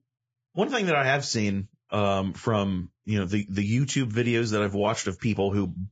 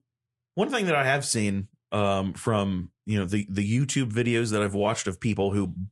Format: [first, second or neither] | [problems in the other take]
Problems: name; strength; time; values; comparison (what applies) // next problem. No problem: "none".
second | garbled, watery; badly; nothing above 7.5 kHz; slightly in the second